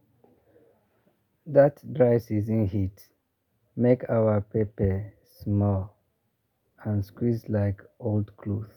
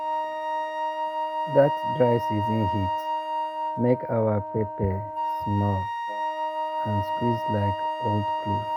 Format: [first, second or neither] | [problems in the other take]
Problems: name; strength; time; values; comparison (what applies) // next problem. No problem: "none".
first | background sound (Wind instrument, woodwind instrument + Wind instrument, woodwind instrument); 1 dB below the speech